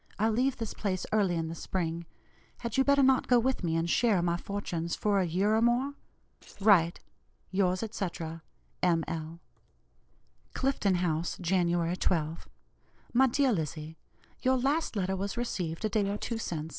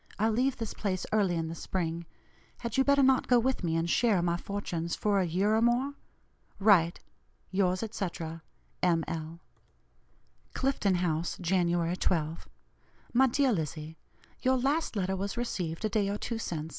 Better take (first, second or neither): second